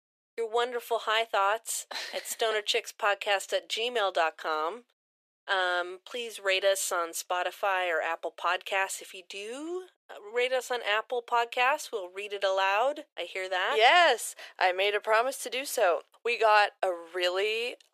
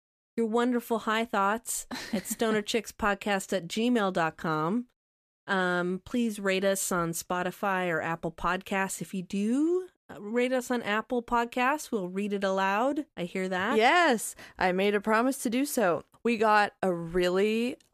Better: second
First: thin; very; fading below 400 Hz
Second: none

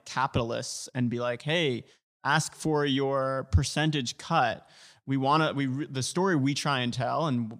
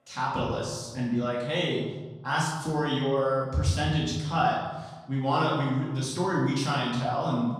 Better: first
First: none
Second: room echo; noticeable; dies away in 1.1 s // off-mic speech; far

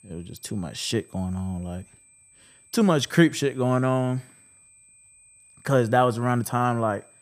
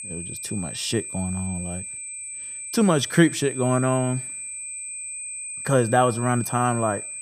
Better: first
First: high-pitched whine; faint; throughout; 8.5 kHz, 30 dB below the speech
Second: high-pitched whine; loud; throughout; 8.5 kHz, 8 dB below the speech

